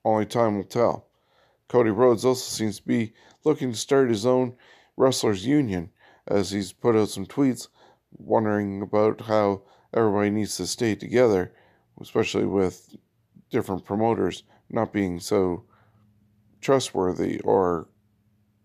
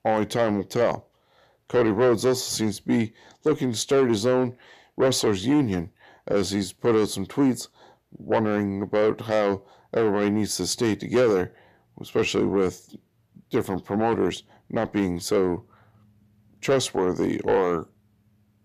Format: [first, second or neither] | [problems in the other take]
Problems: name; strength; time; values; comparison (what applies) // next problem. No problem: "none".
first | distortion; slight; 10 dB below the speech